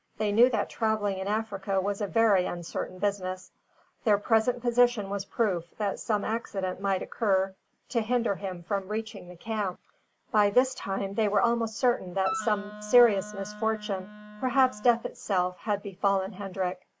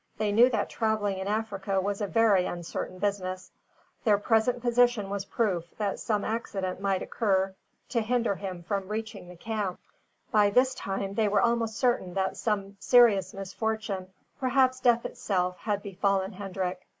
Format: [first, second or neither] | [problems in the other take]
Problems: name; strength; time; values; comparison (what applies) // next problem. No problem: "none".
second | background sound (Wind instrument, woodwind instrument); 12 dB below the speech